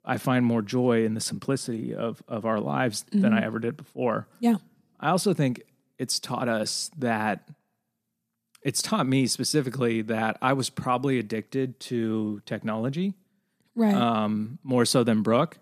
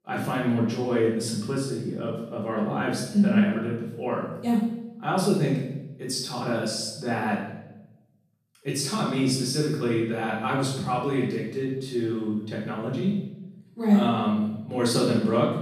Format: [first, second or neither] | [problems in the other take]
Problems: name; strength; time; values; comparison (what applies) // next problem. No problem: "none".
first | off-mic speech; far // room echo; noticeable; dies away in 0.8 s